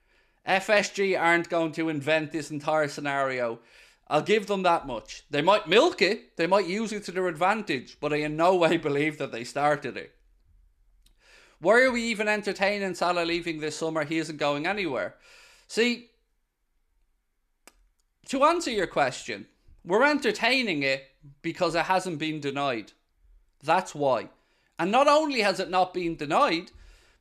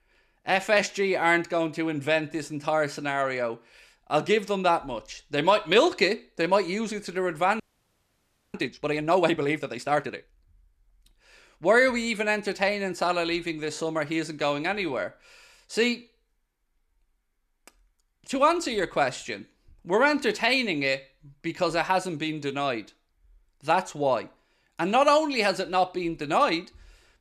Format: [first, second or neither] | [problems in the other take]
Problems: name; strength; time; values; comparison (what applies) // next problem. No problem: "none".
first | audio freezing; at 7.5 s for 1 s